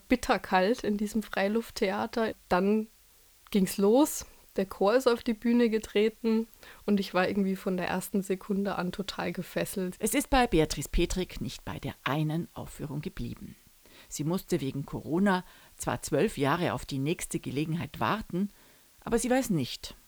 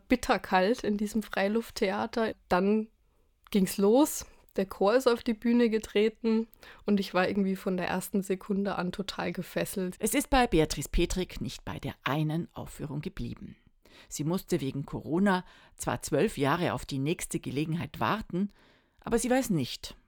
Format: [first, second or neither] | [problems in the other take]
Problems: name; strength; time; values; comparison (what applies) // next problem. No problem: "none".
second | hiss; faint; throughout; 25 dB below the speech